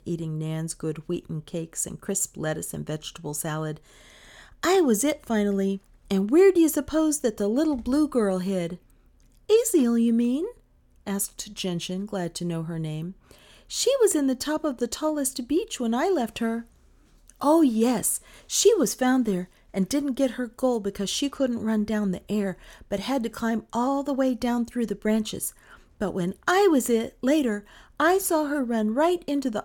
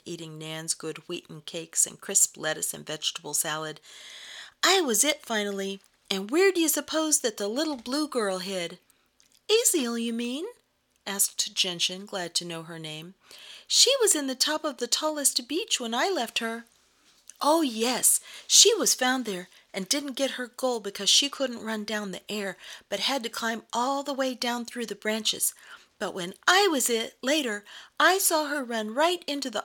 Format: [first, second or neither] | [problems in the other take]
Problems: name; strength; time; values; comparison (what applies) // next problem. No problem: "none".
first | thin; somewhat; fading below 900 Hz